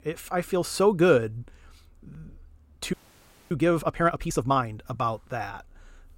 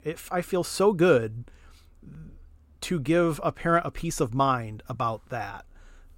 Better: second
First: audio freezing; at 3 s for 0.5 s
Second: none

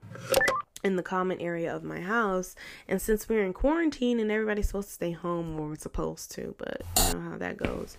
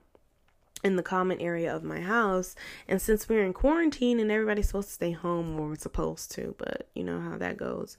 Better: second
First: phone ringing; loud; at 0.5 s; peak 6 dB above the speech // keyboard typing; loud; at 7 s; peak 5 dB above the speech // footsteps; very faint; at 7.5 s; peak 6 dB below the speech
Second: none

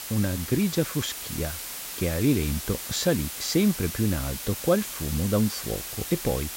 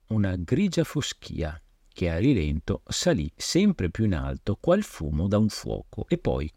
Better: second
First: hiss; loud; throughout; 6 dB below the speech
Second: none

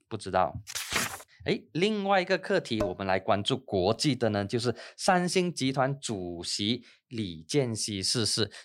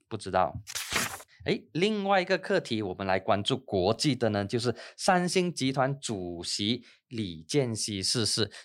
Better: second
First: clattering dishes; noticeable; at 3 s; peak 8 dB below the speech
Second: none

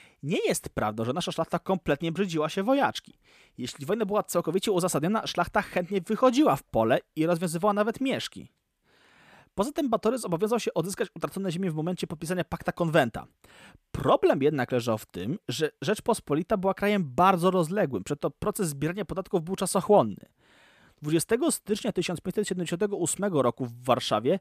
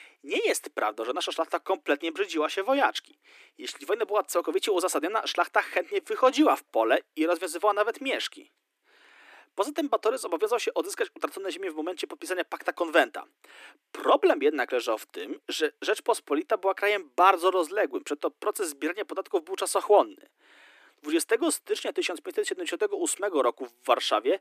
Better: first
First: none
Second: thin; somewhat; fading below 300 Hz

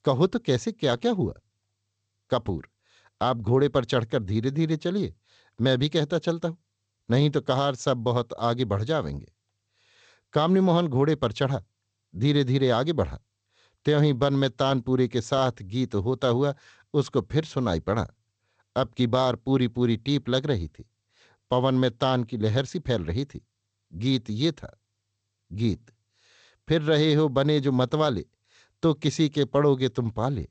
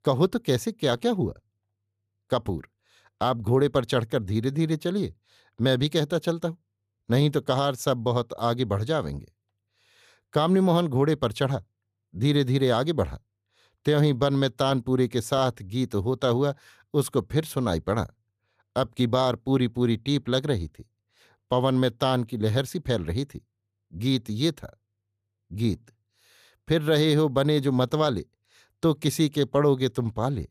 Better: second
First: garbled, watery; slightly; nothing above 7.5 kHz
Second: none

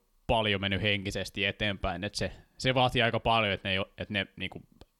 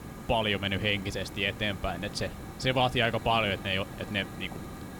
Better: first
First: none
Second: hiss; noticeable; throughout; 15 dB below the speech

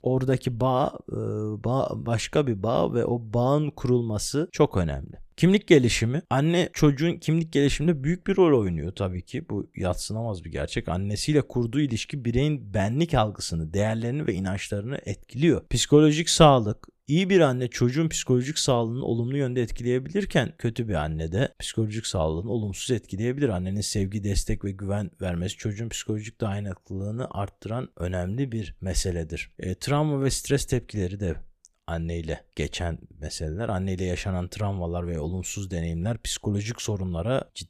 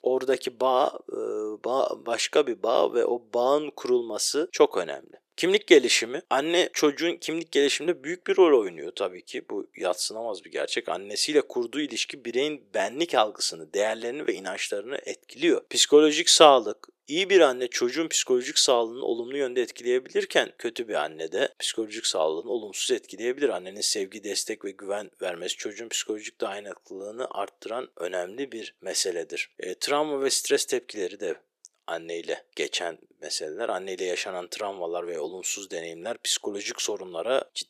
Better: first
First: none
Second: thin; very; fading below 350 Hz

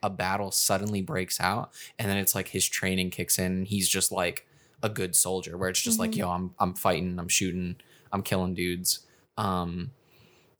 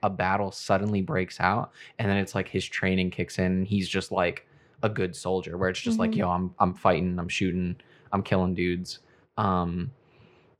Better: first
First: none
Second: muffled; very; fading above 2.5 kHz

